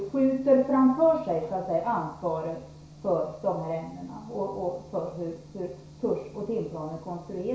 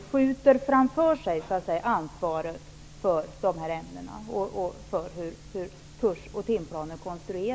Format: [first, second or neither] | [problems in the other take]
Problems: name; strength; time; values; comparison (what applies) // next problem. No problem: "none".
second | room echo; dies away in 0.6 s